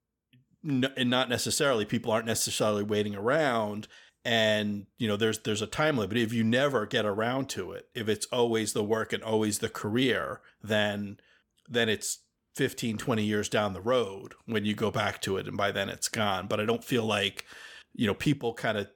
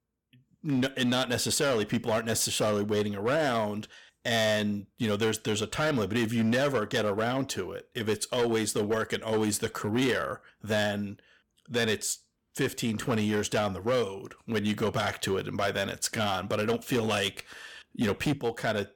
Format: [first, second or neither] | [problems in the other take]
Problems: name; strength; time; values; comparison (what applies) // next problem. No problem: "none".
first | distortion; slight; 7% of the sound clipped